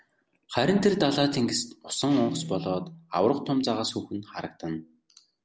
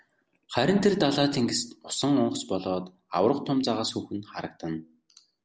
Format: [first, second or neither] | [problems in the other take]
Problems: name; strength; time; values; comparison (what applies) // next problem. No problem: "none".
second | background sound (Guitar); 15 dB below the speech